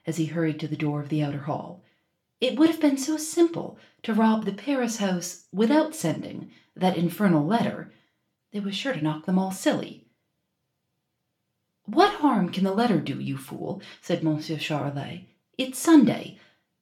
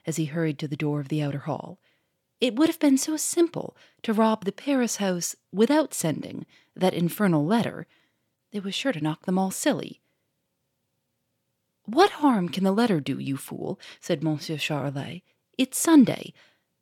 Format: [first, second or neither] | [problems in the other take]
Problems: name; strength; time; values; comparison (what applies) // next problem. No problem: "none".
second | room echo; very slight; dies away in 0.3 s // off-mic speech; somewhat distant